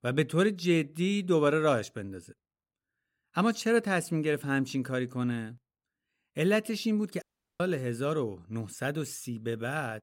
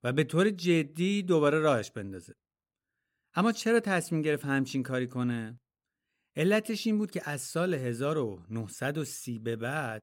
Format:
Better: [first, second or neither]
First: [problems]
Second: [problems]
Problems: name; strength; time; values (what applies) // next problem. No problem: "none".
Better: second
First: audio cutting out; at 7 s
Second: none